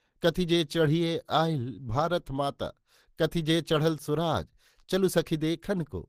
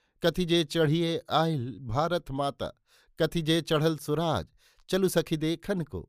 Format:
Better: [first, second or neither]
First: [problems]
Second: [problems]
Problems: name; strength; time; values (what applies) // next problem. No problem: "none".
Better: second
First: garbled, watery; slightly; nothing above 15 kHz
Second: none